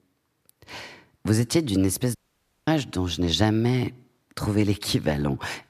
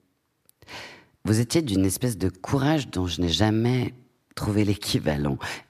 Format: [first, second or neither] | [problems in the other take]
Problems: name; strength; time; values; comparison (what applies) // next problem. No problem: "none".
second | audio cutting out; at 2 s for 0.5 s